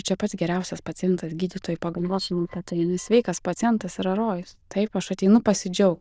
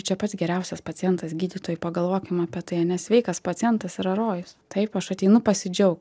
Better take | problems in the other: second | noise reduction (neural diffusion model UNIVERSE++)

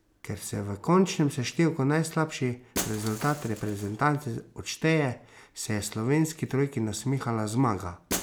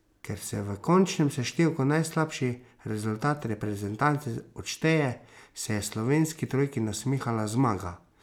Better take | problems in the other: second | background sound (Shatter); 15 dB below the speech

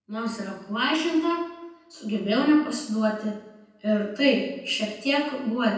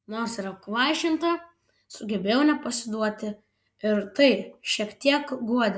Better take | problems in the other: second | room echo; dies away in 0.9 s

